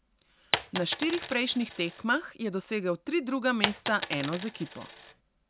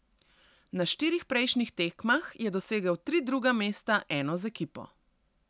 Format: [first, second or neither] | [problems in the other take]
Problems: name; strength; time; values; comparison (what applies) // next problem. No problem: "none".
second | background sound (Coin (dropping)); 4 dB below the speech